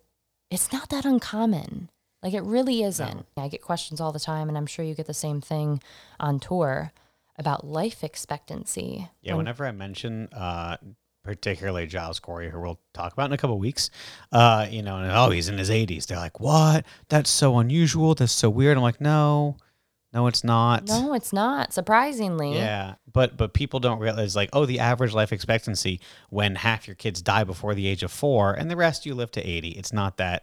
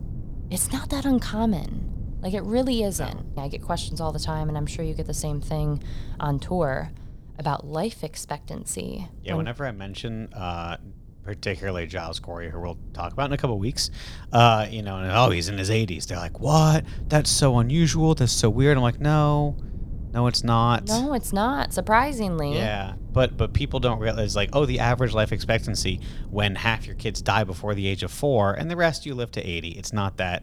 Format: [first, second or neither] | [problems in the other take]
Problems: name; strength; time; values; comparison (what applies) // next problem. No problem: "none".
first | low rumble; faint; throughout; 25 dB below the speech